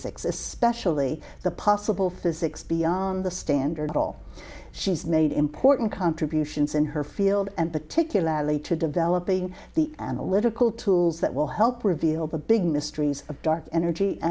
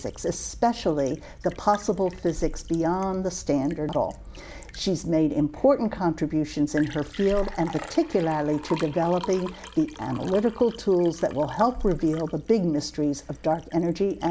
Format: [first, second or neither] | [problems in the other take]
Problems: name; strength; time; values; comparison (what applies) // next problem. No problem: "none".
first | background sound (Liquid); 15 dB below the speech